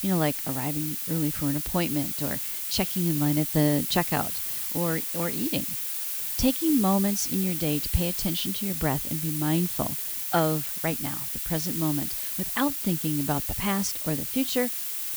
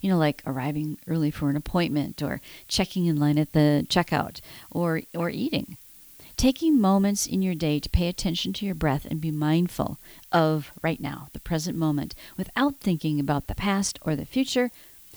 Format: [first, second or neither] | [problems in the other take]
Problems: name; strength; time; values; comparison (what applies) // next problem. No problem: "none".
second | hiss; loud; throughout; as loud as the speech; faint in the second